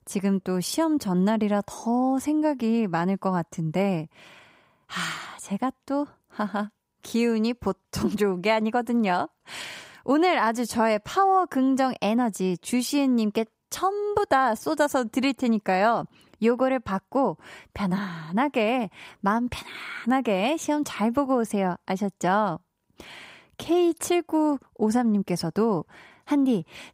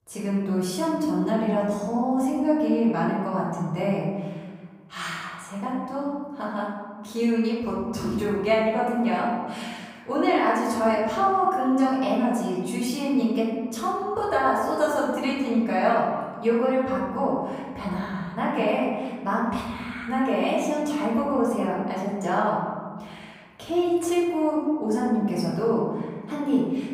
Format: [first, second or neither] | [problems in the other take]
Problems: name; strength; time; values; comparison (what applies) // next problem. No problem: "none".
first | room echo; noticeable; dies away in 1.5 s // off-mic speech; far